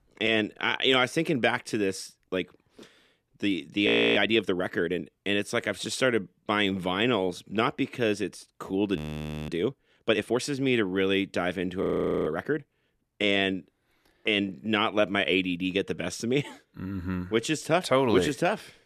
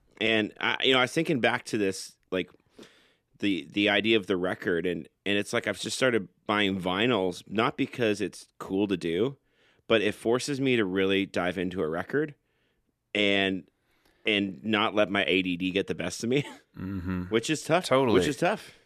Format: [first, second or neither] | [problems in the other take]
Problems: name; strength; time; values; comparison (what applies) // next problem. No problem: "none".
second | audio freezing; at 4 s, at 9 s for 0.5 s and at 12 s